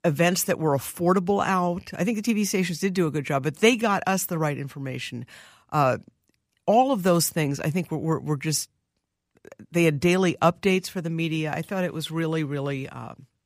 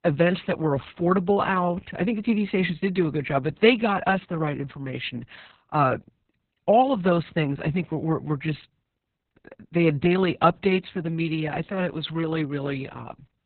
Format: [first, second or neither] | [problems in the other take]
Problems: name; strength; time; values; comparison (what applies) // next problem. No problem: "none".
first | garbled, watery; badly; nothing above 4 kHz